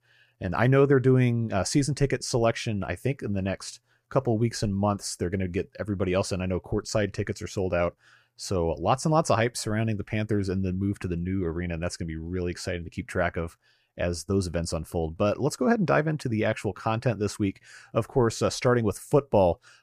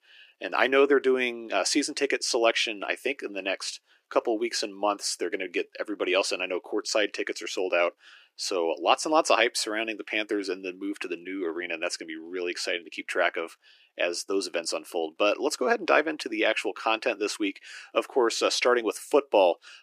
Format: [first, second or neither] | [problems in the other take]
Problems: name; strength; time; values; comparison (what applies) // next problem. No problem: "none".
first | thin; somewhat; fading below 300 Hz